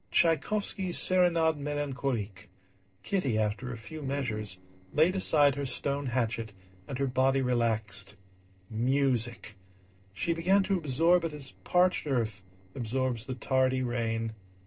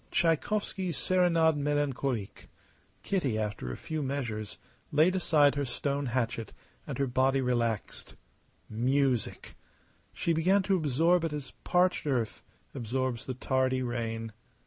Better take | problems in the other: second | noise reduction (neural separator model SepFormer DNS4)

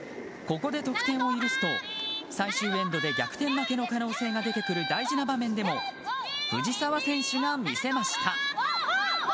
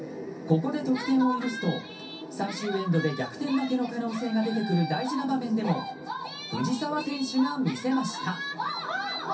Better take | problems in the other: first | room echo; dies away in 0.3 s

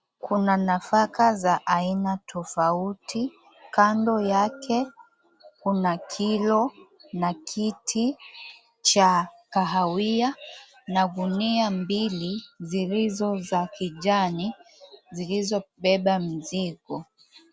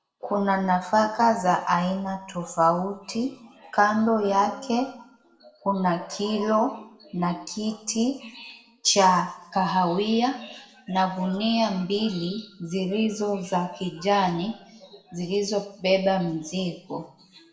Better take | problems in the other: first | room echo; dies away in 0.6 s

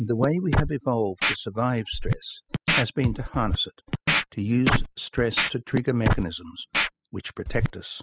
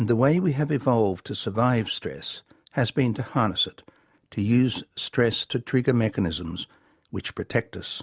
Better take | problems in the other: second | noise reduction (classical method spectral subtraction)

